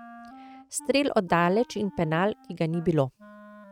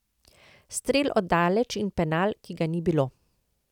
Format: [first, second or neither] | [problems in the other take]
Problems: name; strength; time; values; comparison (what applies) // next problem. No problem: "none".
second | noise reduction (neural mask model RNNoise)